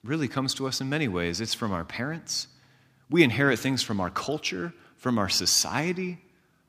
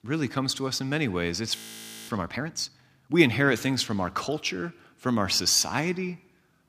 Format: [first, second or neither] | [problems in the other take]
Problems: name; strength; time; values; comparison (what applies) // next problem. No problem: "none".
first | audio freezing; at 1.5 s for 0.5 s